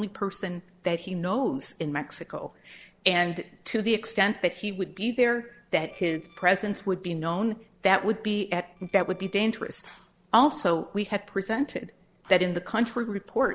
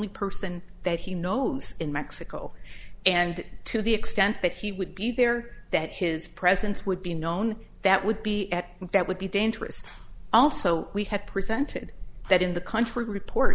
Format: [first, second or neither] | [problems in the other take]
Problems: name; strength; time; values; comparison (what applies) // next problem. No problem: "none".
second | noise reduction (neural separator model SepFormer DNS4)